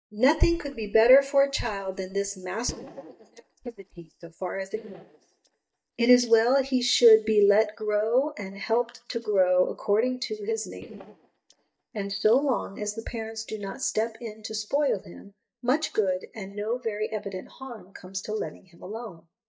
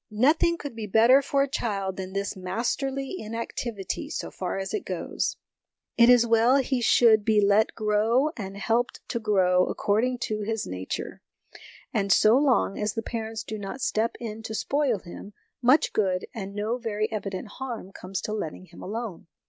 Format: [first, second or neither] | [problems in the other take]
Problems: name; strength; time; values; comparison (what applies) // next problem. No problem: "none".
second | noise reduction (neural mask model DeepFilterNet 3)